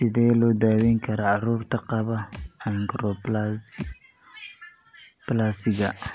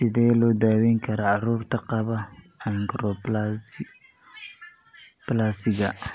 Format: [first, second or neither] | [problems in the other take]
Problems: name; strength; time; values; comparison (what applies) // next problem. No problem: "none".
second | background sound (Thump, thud); 20 dB below the speech